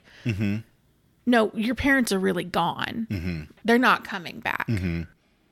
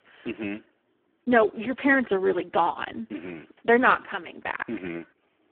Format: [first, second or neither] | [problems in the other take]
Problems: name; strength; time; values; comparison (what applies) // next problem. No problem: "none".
first | phone-call audio; poor line